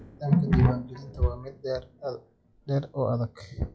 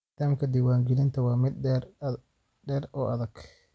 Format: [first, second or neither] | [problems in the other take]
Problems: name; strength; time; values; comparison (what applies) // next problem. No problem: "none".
second | noise reduction (classical method log-MMSE)